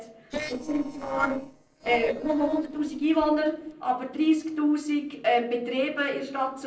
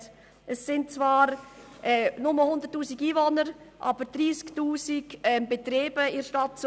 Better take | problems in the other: second | noise reduction (neural separator model SepFormer DNS4)

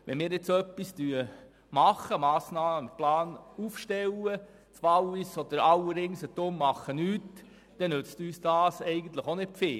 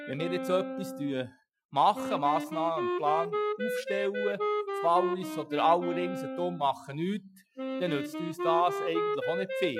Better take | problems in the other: first | noise reduction (classical method Wiener filter)

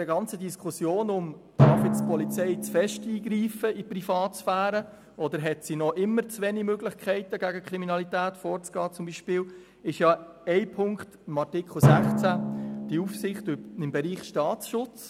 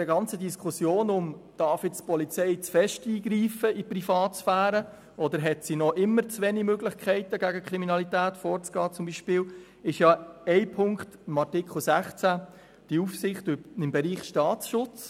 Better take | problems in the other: second | background sound (Drum); 2 dB below the speech

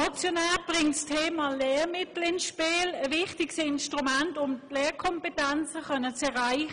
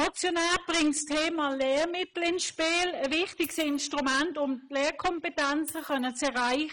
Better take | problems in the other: first | noise reduction (neural mask model Resemble Enhance denoiser)

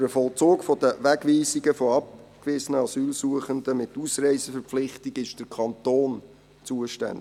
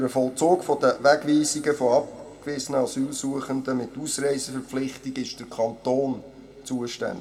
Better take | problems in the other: first | room echo; dies away in 1.3 s

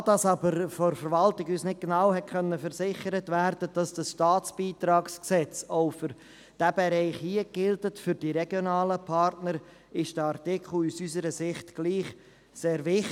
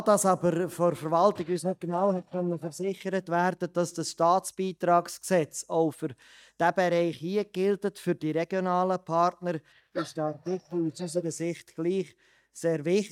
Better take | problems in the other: first | noise reduction (neural mask model DeepFilterNet 3)

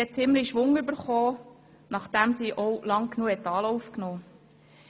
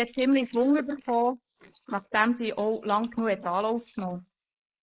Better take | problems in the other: first | noise reduction (neural mask model Resemble Enhance denoiser)

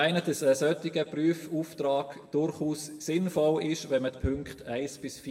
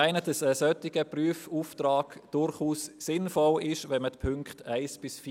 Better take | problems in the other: second | room echo; dies away in 1 s

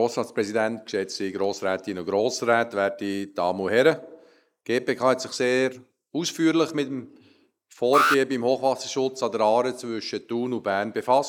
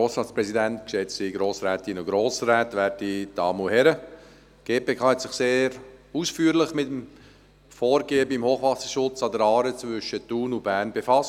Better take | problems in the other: second | noise reduction (neural mask model Resemble Enhance denoiser)

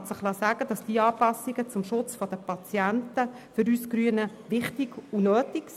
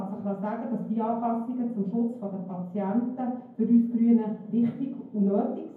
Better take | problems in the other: first | room echo; dies away in 0.9 s

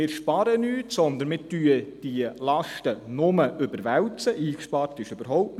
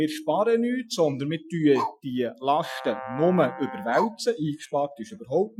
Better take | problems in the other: first | noise reduction (classical method Wiener filter)

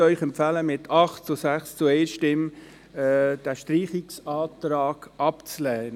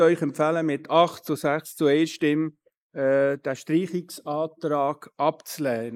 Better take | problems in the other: first | noise reduction (neural mask model Resemble Enhance denoiser)

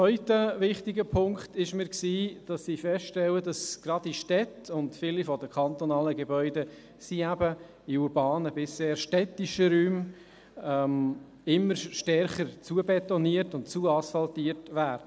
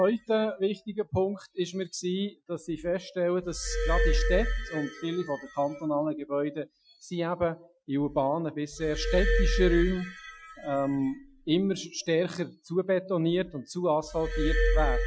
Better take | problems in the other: first | noise reduction (classical method Wiener filter)

